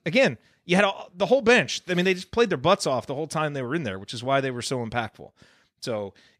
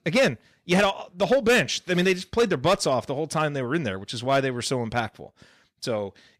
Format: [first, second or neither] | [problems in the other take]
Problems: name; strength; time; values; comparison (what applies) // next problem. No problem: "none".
first | distortion; slight; 4% of the sound clipped